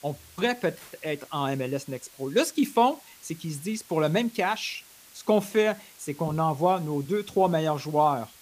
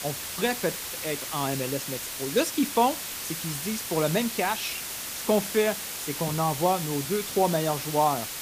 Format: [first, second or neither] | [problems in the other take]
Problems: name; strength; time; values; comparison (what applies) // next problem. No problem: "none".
first | hiss; loud; throughout; 4 dB below the speech; faint in the first